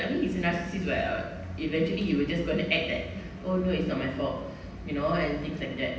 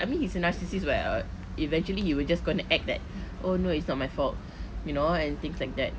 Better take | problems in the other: second | room echo; dies away in 0.9 s

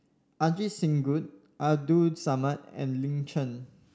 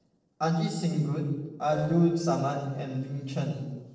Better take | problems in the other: first | noise reduction (neural separator model SepFormer DNS4)

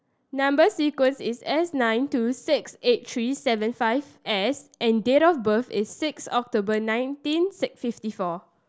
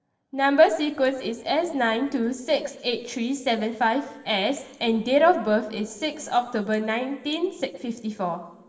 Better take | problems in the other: first | noise reduction (neural separator model SepFormer DNS4)

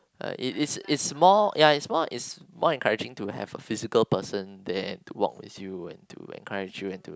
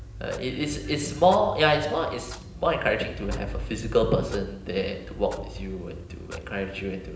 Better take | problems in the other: first | background sound (Clock); 11 dB below the speech // room echo; dies away in 0.9 s

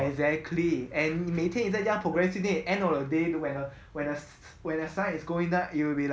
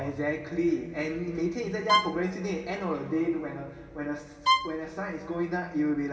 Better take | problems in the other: first | background sound (Bowed string instrument); as loud as the speech // room echo; dies away in 2.6 s

